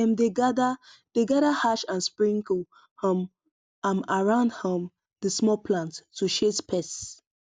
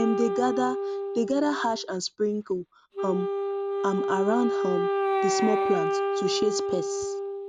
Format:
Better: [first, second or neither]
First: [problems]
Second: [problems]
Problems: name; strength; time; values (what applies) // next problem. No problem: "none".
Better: first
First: none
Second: background sound (Wind instrument, woodwind instrument); as loud as the speech